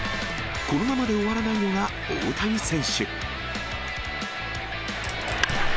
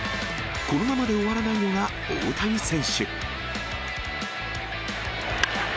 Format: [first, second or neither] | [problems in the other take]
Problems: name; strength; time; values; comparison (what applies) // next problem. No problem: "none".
second | background sound (Fire); 9 dB below the speech